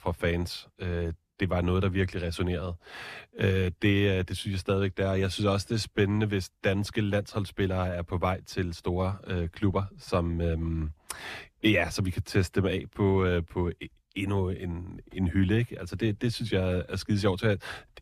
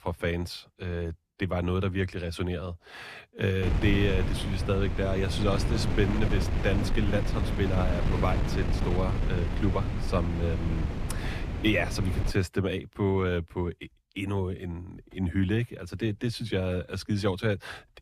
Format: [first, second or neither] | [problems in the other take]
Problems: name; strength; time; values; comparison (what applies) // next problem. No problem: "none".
first | wind noise on the microphone; heavy; from 3.5 to 12 s; 5 dB below the speech